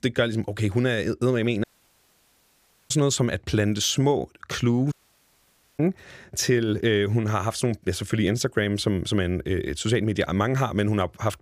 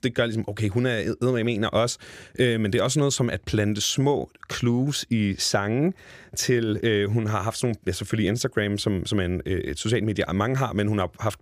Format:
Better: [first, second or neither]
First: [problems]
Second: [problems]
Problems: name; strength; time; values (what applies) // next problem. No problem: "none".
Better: second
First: audio cutting out; at 1.5 s for 1.5 s and at 5 s for 1 s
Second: none